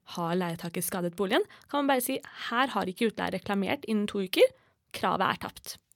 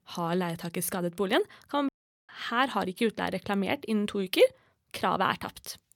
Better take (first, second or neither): first